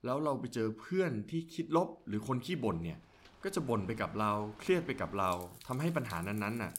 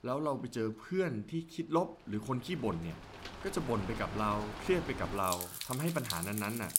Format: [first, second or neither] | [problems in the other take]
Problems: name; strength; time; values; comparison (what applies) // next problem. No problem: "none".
first | rain or running water; loud; throughout; 6 dB below the speech; faint in the first